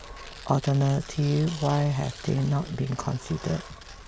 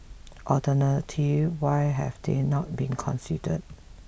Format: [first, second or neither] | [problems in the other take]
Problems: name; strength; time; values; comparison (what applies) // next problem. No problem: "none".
second | background sound (Tearing + Engine); 17 dB below the speech